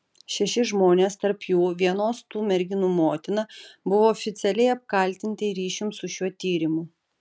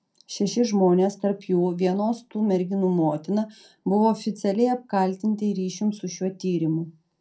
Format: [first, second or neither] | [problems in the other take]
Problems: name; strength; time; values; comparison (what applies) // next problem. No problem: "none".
first | room echo; dies away in 0.2 s